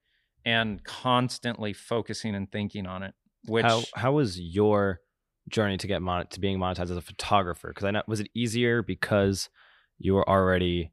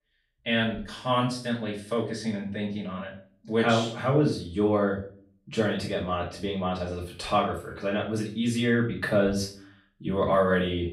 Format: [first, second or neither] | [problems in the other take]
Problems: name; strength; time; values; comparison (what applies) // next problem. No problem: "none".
first | off-mic speech; far // room echo; slight; dies away in 0.4 s